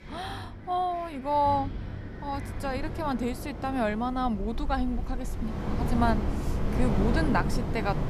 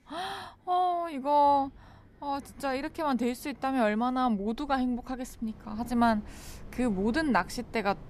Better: second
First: wind in the background; loud; throughout; 3 dB below the speech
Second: wind in the background; faint; throughout; 20 dB below the speech

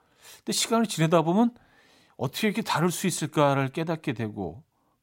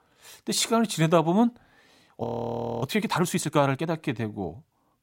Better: first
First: none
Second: audio freezing; at 2 s for 0.5 s

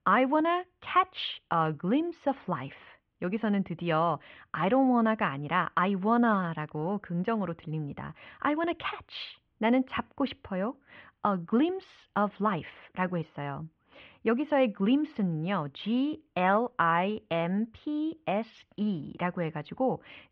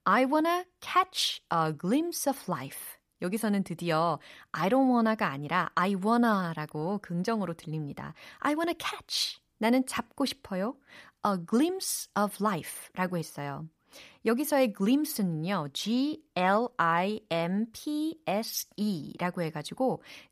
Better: second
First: muffled; very; fading above 3 kHz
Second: none

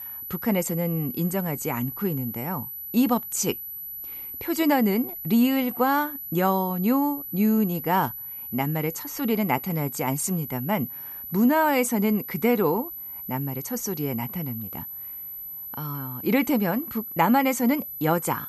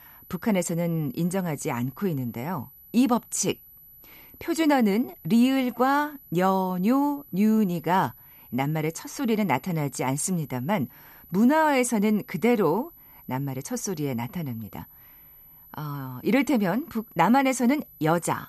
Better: second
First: high-pitched whine; loud; throughout; 12 kHz, 8 dB below the speech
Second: high-pitched whine; faint; throughout; 12 kHz, 20 dB below the speech

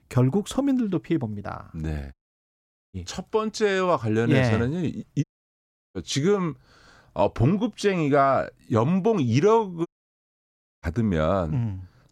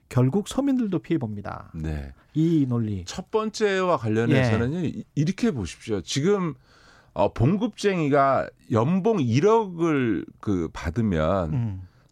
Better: second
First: audio cutting out; at 2 s for 1 s, at 5 s for 0.5 s and at 10 s for 1 s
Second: none

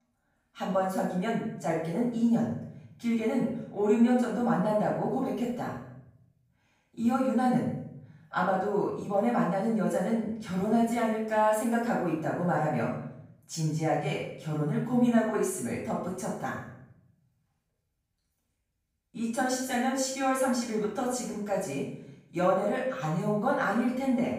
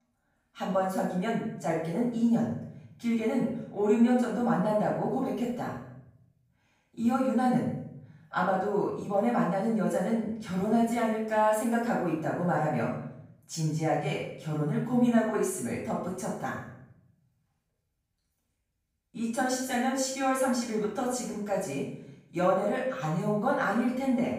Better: neither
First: room echo; noticeable; dies away in 0.8 s // off-mic speech; far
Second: room echo; noticeable; dies away in 0.8 s // off-mic speech; far

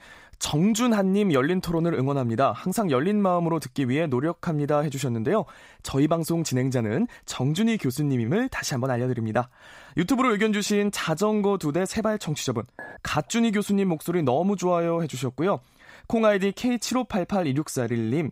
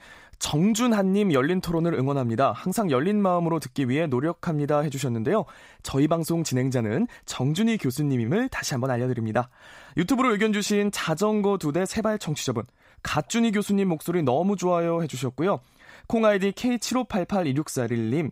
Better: second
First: clattering dishes; faint; at 13 s; peak 15 dB below the speech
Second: none

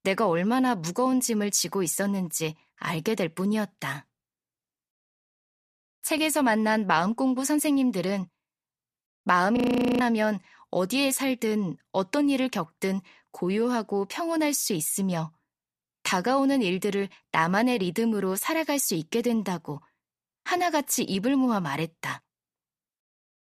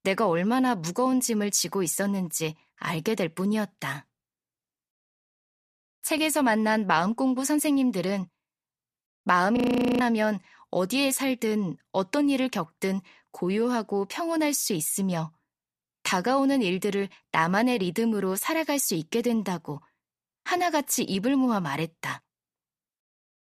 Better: neither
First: audio freezing; at 9.5 s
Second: audio freezing; at 9.5 s

